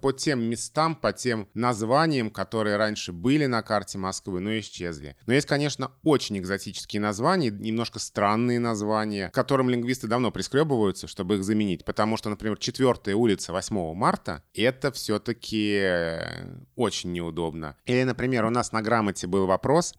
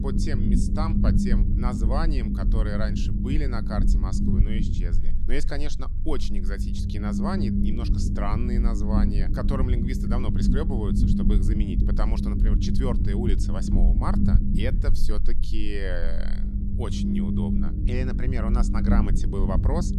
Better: first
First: none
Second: low rumble; loud; throughout; 1 dB below the speech

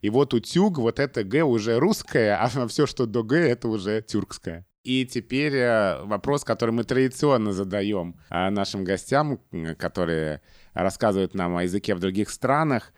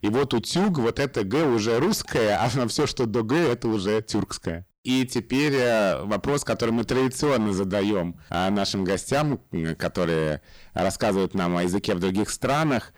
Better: first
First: none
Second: distortion; heavy; 18% of the sound clipped

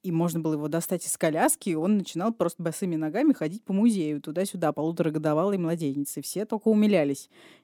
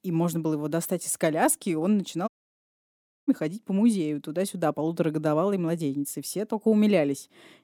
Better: first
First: none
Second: audio cutting out; at 2.5 s for 1 s

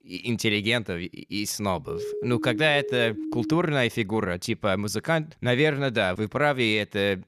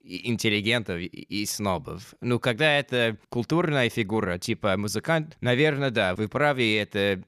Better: second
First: siren; noticeable; from 2 to 3.5 s; peak 7 dB below the speech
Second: none

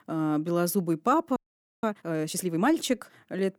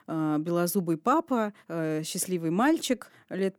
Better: second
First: audio freezing; at 1.5 s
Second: none

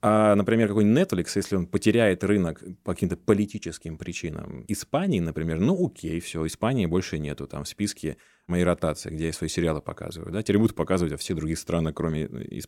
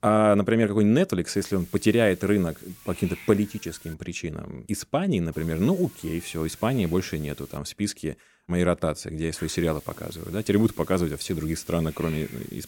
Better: first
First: none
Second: hiss; noticeable; from 1.5 to 4 s, from 5.5 to 7.5 s and from 9.5 s on; 20 dB below the speech

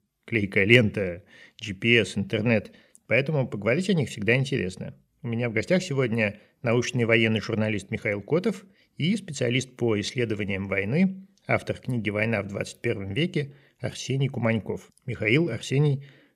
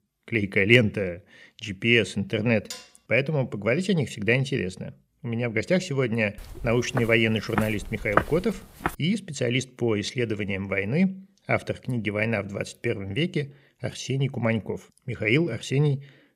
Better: first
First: none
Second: clattering dishes; faint; at 2.5 s; peak 15 dB below the speech // footsteps; noticeable; from 7 to 9 s; peak level with the speech

